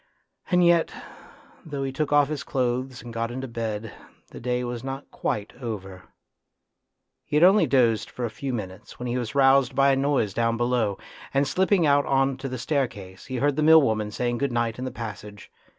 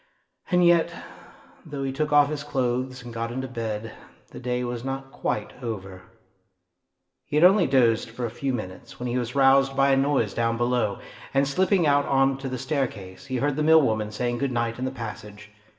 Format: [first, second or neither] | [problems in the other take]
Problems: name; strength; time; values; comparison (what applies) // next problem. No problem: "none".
first | room echo; dies away in 0.9 s